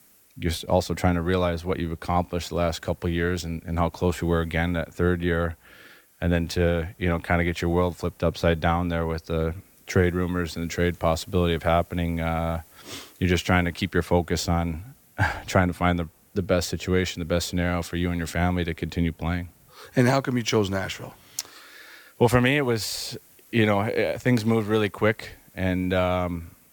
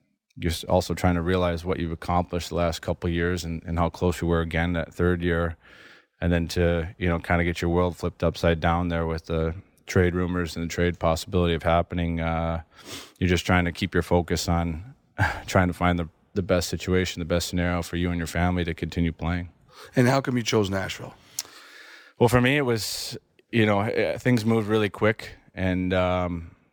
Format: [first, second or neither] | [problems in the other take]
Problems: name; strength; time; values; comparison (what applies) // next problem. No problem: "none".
second | hiss; faint; throughout; 30 dB below the speech